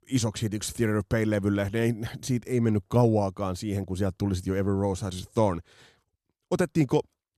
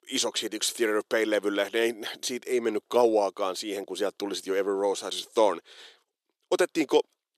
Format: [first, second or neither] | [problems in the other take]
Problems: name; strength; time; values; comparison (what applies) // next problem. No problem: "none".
first | thin; very; fading below 350 Hz